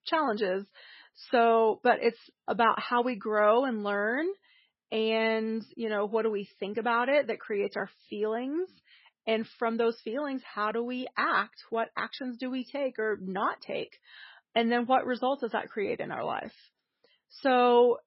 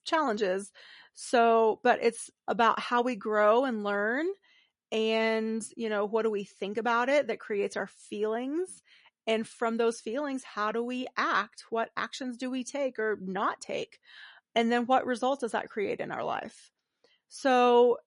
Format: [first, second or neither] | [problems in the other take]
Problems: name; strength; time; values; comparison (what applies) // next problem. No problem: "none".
second | garbled, watery; badly; nothing above 5.5 kHz; slightly in the second